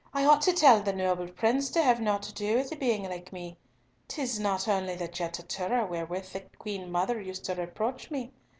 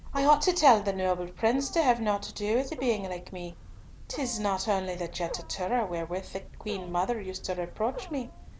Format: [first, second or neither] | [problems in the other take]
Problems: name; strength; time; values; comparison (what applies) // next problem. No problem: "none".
first | background sound (Wild animals); 14 dB below the speech